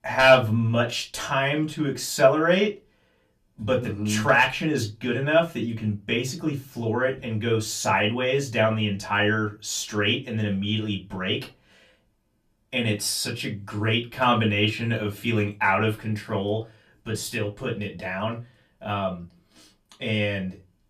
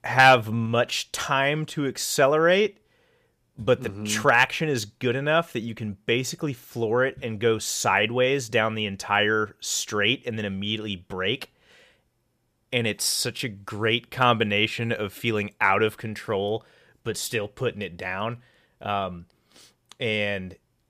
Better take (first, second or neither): second